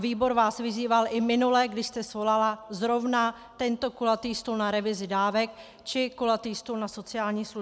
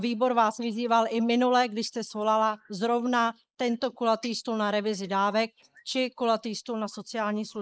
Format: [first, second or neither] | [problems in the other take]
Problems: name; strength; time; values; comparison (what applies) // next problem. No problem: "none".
first | noise reduction (neural mask model Resemble Enhance denoiser)